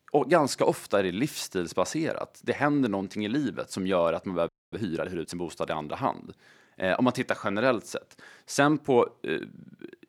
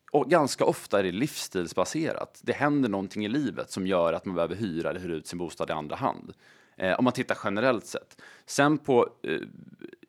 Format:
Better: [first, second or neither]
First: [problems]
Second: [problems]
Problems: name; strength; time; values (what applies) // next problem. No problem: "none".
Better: second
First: audio freezing; at 4.5 s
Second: none